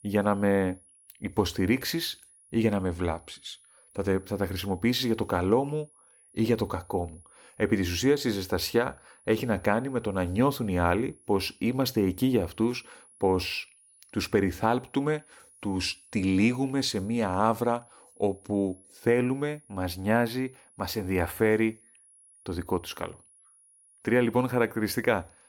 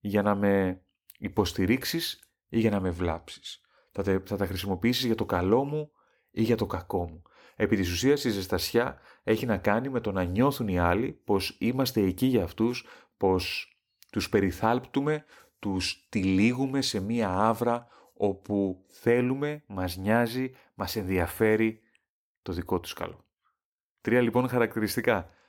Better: second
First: high-pitched whine; faint; throughout; 10.5 kHz, 30 dB below the speech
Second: none

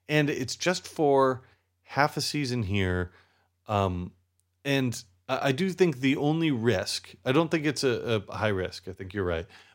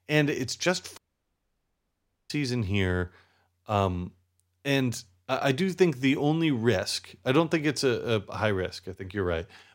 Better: first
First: none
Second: audio cutting out; at 1 s for 1.5 s

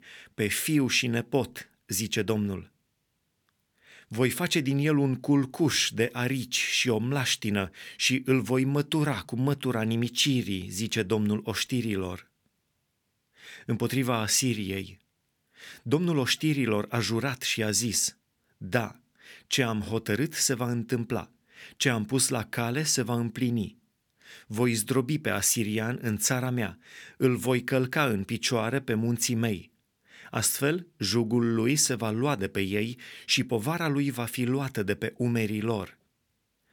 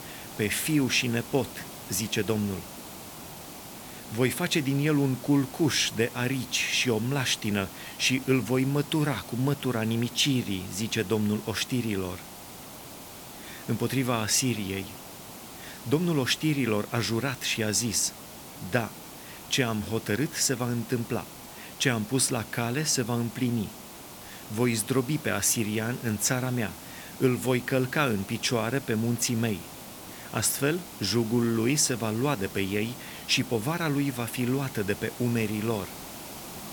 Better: first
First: none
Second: hiss; noticeable; throughout; 15 dB below the speech

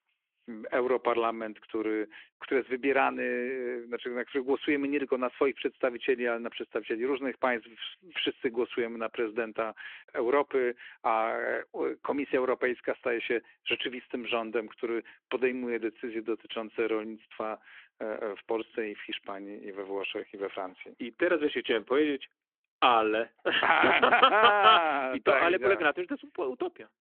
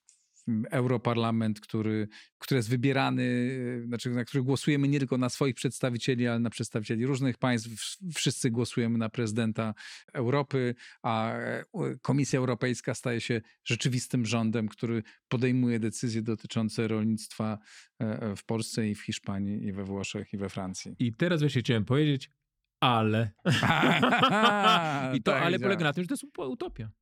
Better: second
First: phone-call audio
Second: none

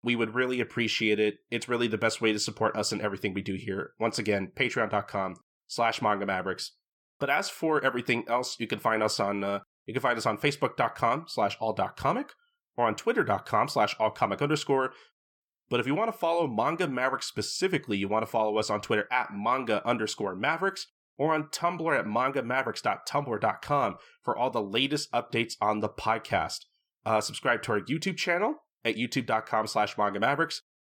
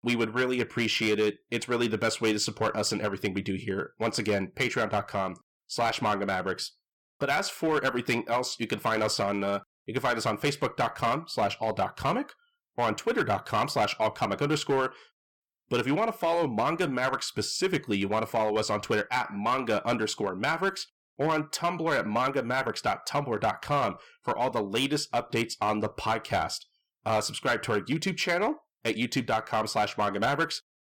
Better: first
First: none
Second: distortion; slight; 6% of the sound clipped

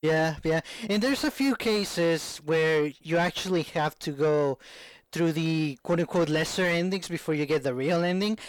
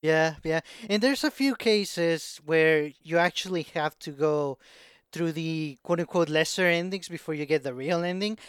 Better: second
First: distortion; heavy; 7 dB below the speech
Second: none

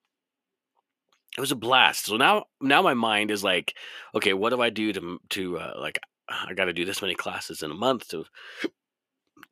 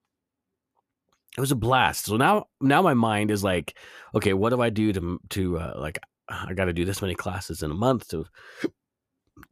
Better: second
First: thin; very slightly; fading below 250 Hz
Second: none

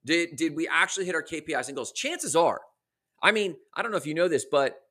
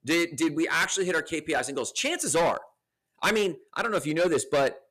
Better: first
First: none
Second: distortion; heavy; 9% of the sound clipped

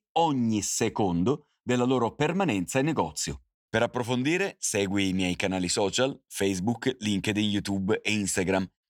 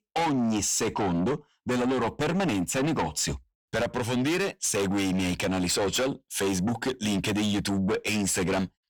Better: first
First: none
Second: distortion; heavy; 6 dB below the speech

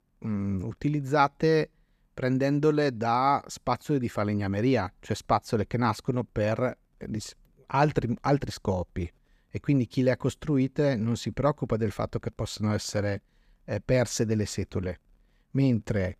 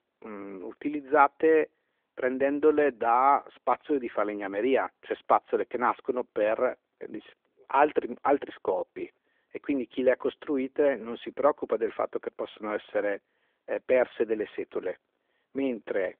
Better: first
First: none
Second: phone-call audio; nothing above 3.5 kHz

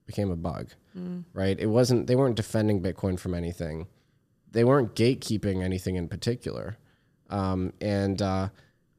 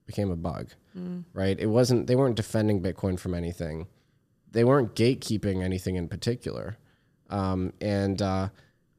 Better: neither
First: none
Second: none

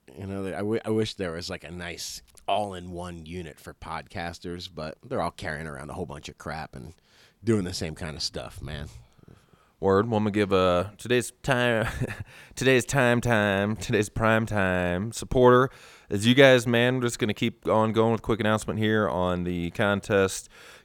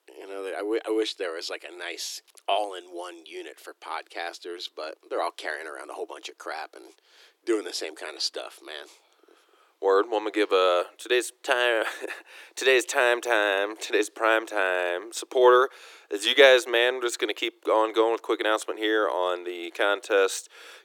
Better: first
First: none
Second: thin; very; fading below 300 Hz

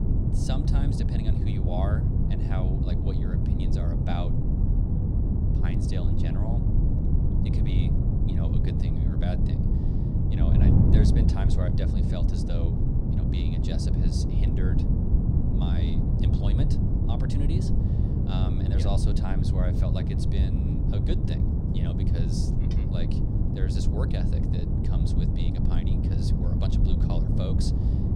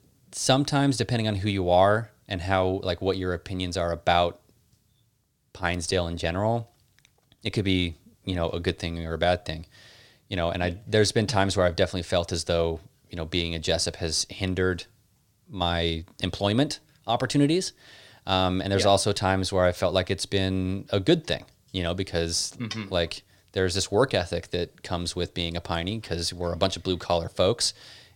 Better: second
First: wind noise on the microphone; heavy; 4 dB above the speech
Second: none

